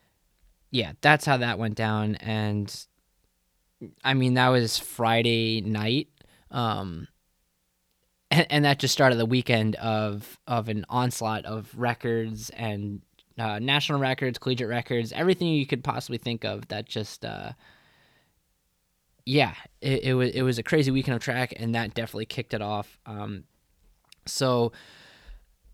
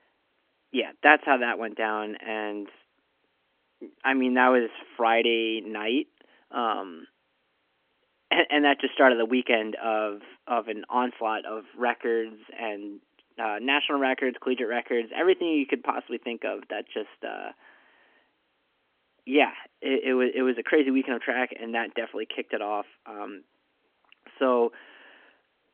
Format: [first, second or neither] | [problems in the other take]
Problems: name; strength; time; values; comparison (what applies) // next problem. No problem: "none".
first | phone-call audio; nothing above 3.5 kHz